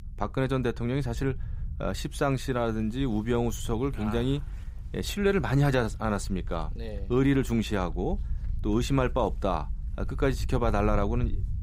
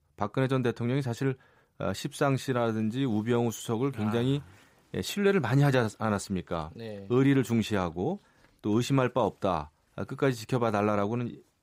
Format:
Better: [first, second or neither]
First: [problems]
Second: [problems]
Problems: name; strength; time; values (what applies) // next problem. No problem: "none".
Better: second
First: low rumble; faint; throughout; 25 dB below the speech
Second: none